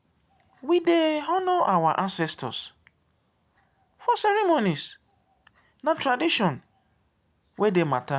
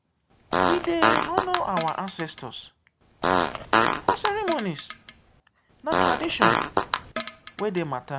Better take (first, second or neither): first